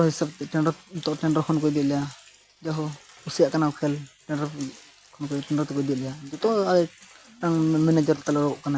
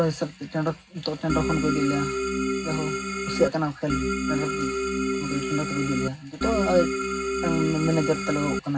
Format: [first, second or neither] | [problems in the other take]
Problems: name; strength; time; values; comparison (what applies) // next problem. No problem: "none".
first | background sound (Organ); as loud as the speech // room echo; dies away in 0.4 s